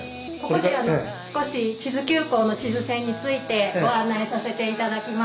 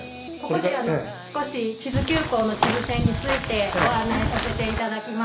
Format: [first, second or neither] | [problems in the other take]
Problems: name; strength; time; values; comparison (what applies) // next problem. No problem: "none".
first | background sound (Walk, footsteps / Bird vocalization, bird call, bird song); as loud as the speech